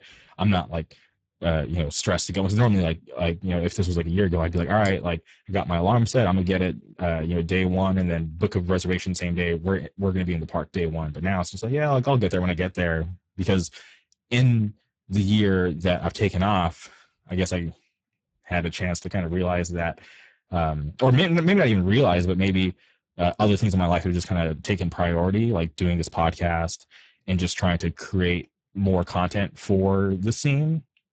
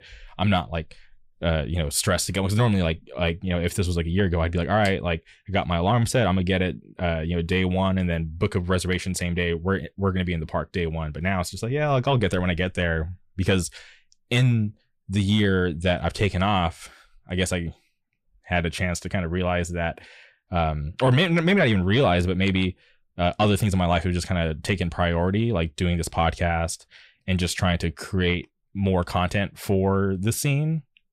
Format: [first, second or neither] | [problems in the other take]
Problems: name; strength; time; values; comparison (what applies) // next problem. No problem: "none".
second | garbled, watery; badly; nothing above 8 kHz